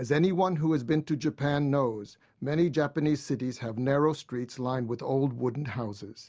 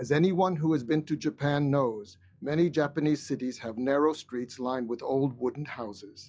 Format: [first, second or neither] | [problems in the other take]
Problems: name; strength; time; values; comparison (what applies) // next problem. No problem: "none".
first | noise reduction (classical method log-MMSE)